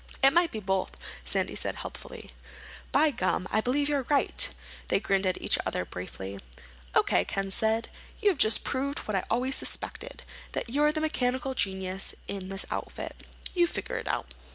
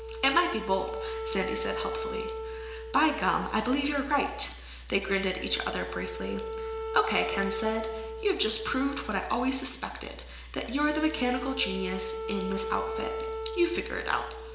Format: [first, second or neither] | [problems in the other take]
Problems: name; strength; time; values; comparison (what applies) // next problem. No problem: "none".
first | background sound (Wind instrument, woodwind instrument); 7 dB below the speech // room echo; dies away in 1 s